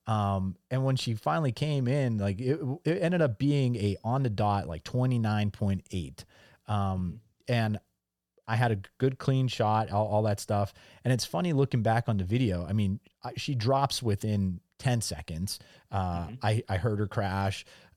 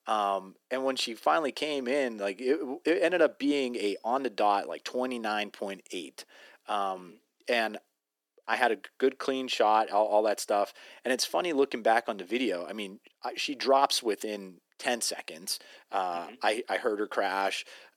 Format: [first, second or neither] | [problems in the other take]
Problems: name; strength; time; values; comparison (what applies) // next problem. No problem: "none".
first | thin; somewhat; fading below 300 Hz